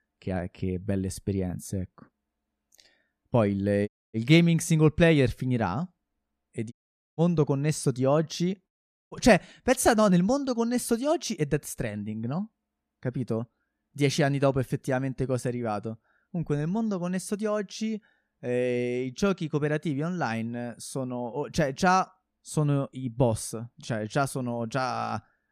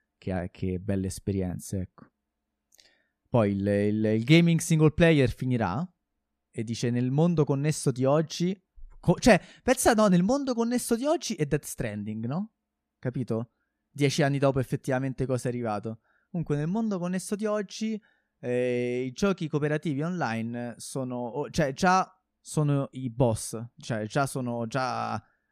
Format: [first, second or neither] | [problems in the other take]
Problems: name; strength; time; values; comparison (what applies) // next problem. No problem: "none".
second | audio cutting out; at 4 s, at 6.5 s and at 8.5 s